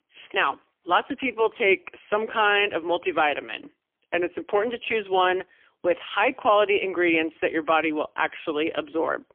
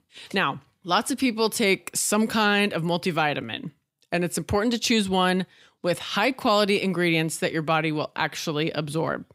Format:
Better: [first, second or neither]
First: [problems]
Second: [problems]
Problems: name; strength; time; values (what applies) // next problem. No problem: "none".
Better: second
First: phone-call audio; poor line; nothing above 3 kHz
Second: none